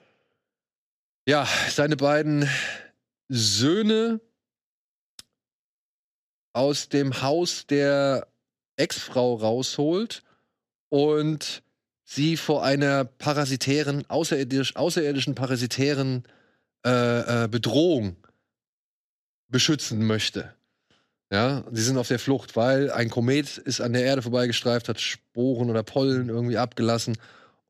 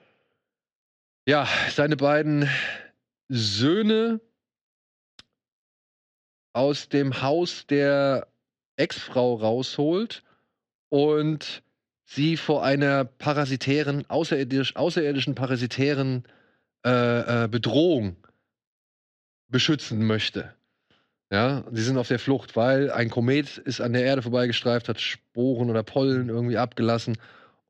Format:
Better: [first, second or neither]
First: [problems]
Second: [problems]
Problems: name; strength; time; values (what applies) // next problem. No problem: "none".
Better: first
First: none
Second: muffled; very slightly; fading above 3 kHz